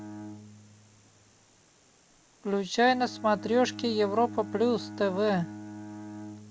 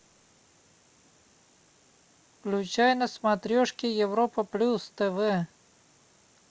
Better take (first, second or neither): second